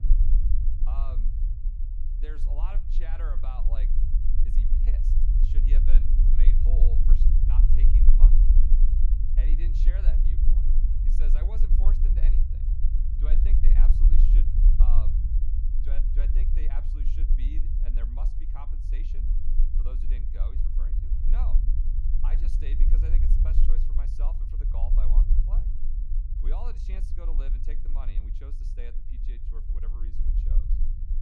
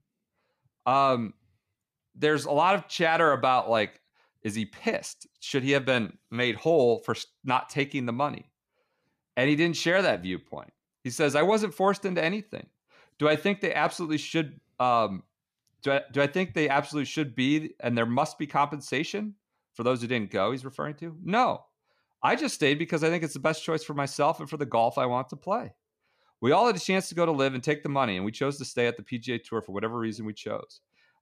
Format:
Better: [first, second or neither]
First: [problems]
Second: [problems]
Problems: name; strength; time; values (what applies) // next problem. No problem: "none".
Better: second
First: low rumble; loud; throughout; as loud as the speech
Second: none